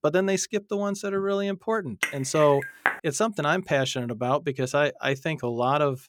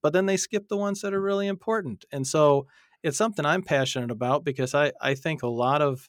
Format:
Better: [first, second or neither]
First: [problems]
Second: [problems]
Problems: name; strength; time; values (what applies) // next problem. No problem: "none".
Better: second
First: clattering dishes; noticeable; at 2 s; peak 1 dB below the speech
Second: none